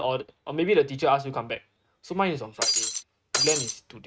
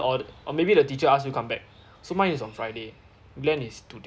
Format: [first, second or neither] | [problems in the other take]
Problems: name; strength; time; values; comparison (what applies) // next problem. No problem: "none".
second | noise reduction (neural mask model RNNoise)